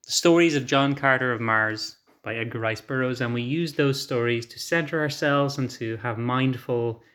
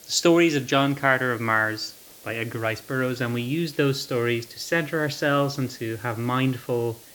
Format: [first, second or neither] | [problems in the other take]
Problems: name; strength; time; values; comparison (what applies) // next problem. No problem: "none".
first | hiss; faint; throughout; 20 dB below the speech